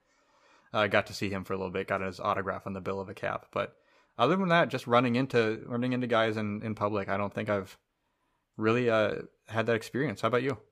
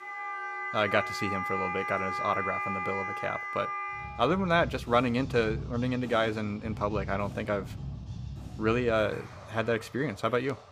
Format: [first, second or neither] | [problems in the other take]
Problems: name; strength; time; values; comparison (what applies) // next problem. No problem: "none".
first | background music; loud; throughout; 6 dB below the speech